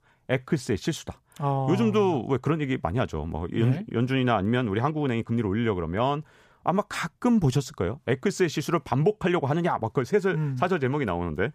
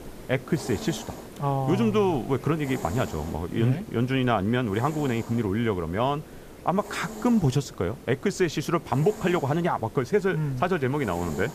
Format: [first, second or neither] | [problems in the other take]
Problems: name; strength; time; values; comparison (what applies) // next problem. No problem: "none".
first | hiss; noticeable; throughout; 15 dB below the speech